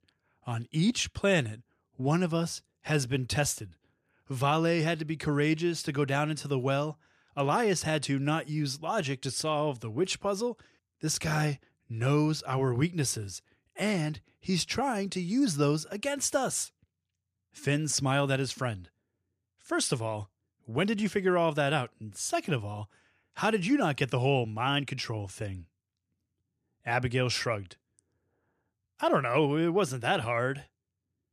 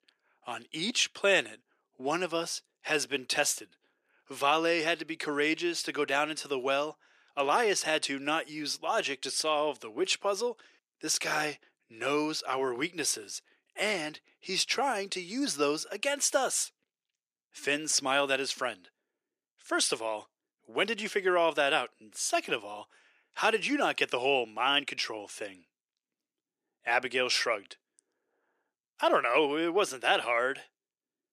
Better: first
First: none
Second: thin; somewhat; fading below 350 Hz

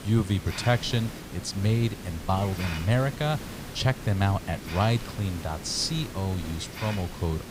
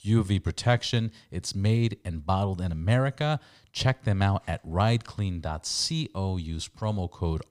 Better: second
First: hiss; noticeable; throughout; 10 dB below the speech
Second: none

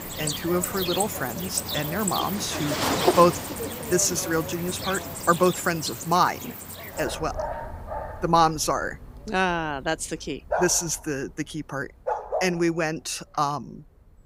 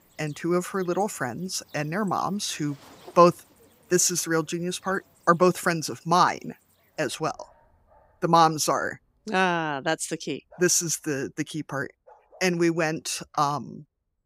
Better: second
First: animal sounds; loud; throughout; 4 dB below the speech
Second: animal sounds; faint; throughout; 30 dB below the speech

